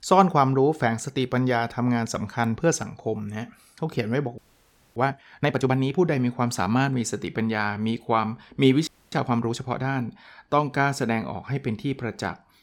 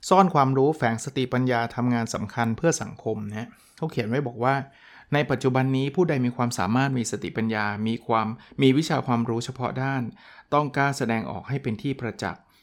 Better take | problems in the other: second | audio freezing; at 4.5 s for 0.5 s and at 9 s

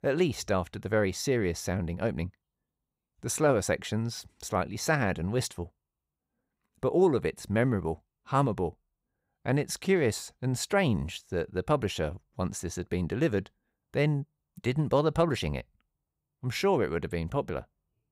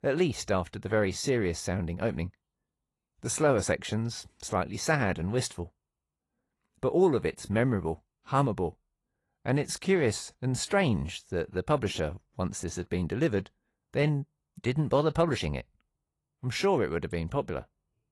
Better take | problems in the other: first | garbled, watery; slightly; nothing above 11 kHz

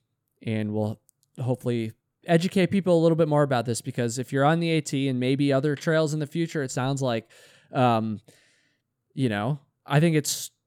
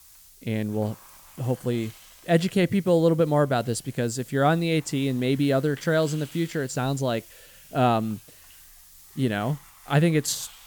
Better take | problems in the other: first | hiss; faint; throughout; 20 dB below the speech

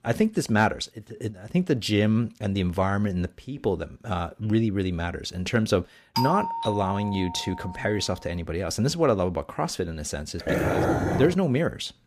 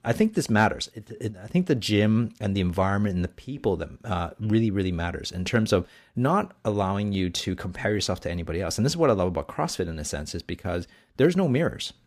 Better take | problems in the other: second | doorbell; noticeable; from 6 to 8 s; peak 1 dB below the speech // dog barking; loud; at 10 s; peak 3 dB above the speech

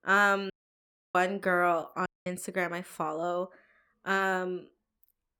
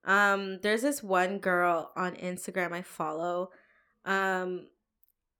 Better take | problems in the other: second | audio cutting out; at 0.5 s for 0.5 s and at 2 s

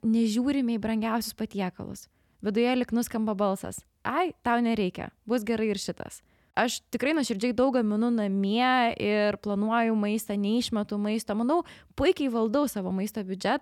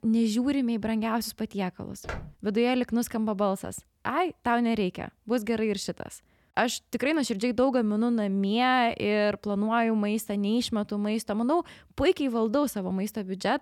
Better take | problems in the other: first | footsteps; faint; at 2 s; peak 10 dB below the speech

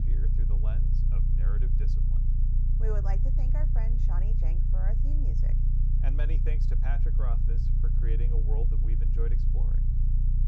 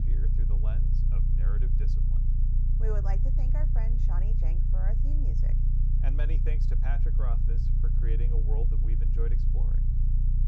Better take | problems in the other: neither | low rumble; loud; throughout; 1 dB below the speech; the same in both

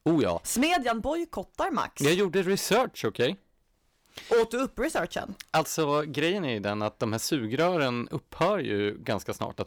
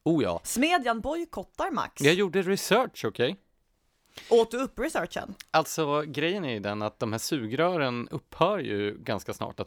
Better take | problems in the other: second | distortion; slight; 4% of the sound clipped

